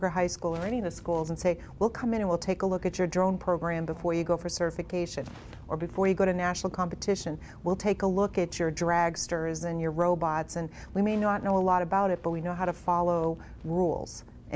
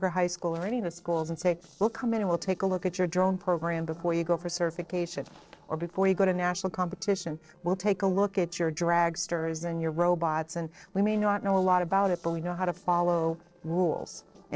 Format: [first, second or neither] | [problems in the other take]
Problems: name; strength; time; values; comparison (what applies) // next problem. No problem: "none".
first | noise reduction (neural separator model SepFormer DNS4)